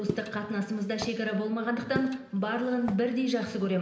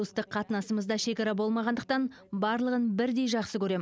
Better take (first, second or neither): second